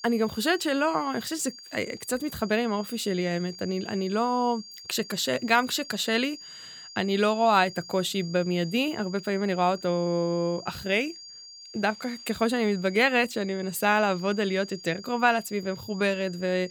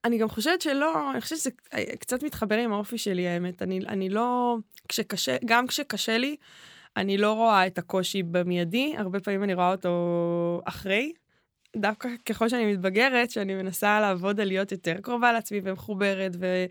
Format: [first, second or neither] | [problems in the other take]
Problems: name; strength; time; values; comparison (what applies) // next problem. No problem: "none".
second | high-pitched whine; noticeable; throughout; 5 kHz, 15 dB below the speech